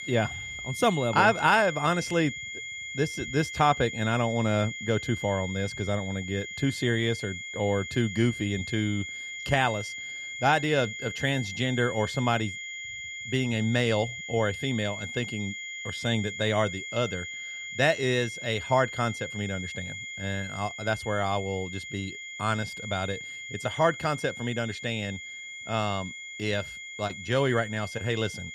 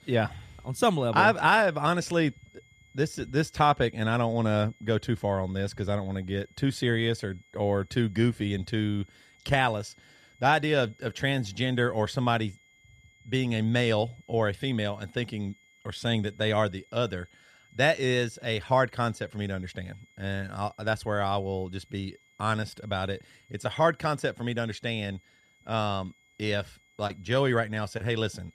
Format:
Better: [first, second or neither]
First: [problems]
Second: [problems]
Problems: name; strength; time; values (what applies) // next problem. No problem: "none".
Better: second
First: high-pitched whine; loud; throughout; 2 kHz, 8 dB below the speech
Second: high-pitched whine; faint; throughout; 2 kHz, 30 dB below the speech